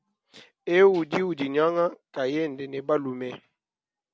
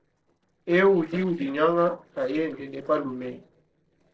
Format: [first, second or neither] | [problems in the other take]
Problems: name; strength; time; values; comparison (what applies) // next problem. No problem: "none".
first | noise reduction (neural separator model SepFormer DNS4)